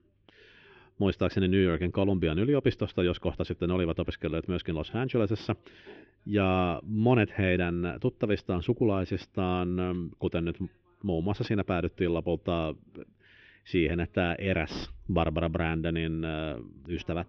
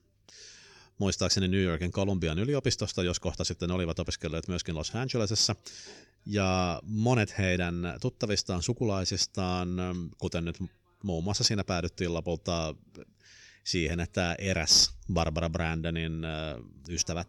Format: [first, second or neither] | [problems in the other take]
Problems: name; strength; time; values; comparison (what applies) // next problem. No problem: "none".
second | muffled; very; fading above 3 kHz